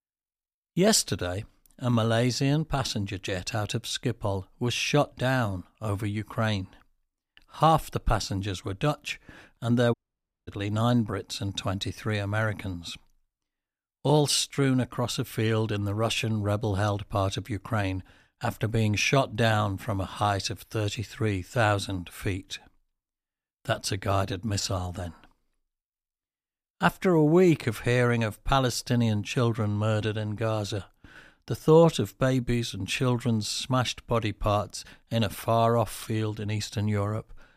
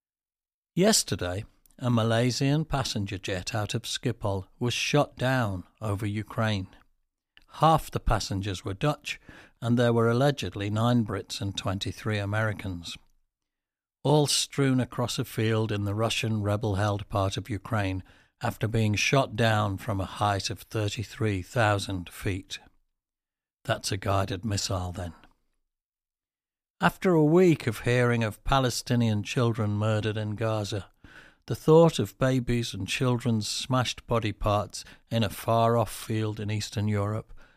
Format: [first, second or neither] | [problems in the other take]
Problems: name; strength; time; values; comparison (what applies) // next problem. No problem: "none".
second | audio cutting out; at 10 s for 0.5 s